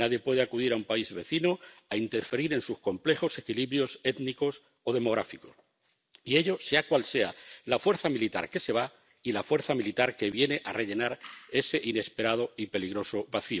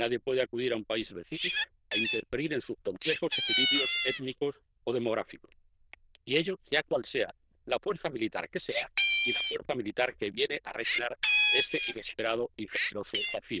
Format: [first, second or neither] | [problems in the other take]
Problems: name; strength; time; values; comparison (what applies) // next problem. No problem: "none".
first | noise reduction (neural diffusion model UNIVERSE++)